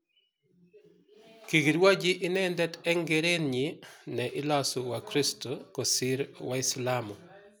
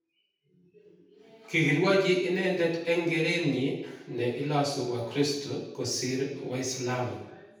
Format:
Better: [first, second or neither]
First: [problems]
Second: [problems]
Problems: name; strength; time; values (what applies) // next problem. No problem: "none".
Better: first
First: none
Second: room echo; dies away in 0.8 s